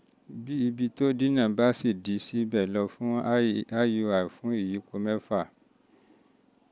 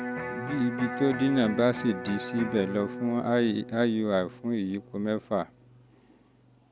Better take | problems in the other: first | background sound (Electric guitar); 10 dB below the speech

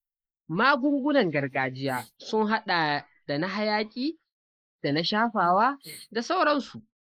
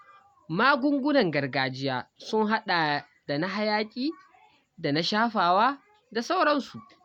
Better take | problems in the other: second | noise reduction (neural mask model Resemble Enhance denoiser)

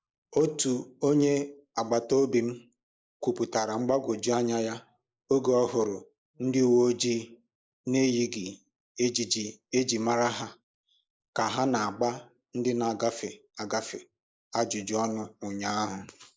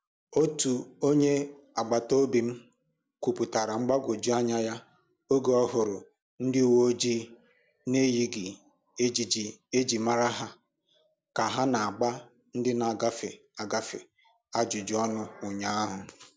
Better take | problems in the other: second | noise reduction (neural mask model Resemble Enhance denoiser)

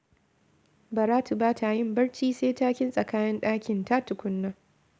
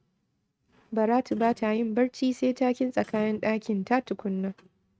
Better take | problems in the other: first | noise reduction (neural mask model RNNoise)

